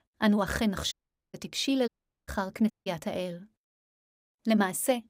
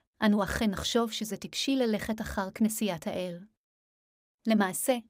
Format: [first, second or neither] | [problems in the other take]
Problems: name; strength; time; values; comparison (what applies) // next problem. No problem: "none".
second | audio cutting out; at 1 s, at 2 s and at 2.5 s